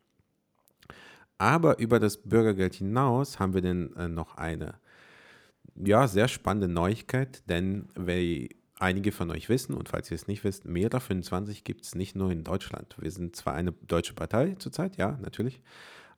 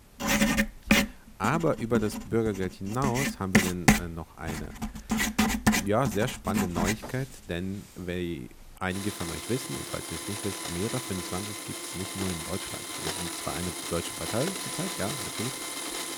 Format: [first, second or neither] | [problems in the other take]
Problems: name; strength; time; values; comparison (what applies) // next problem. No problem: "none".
first | household noises; very loud; throughout; 3 dB above the speech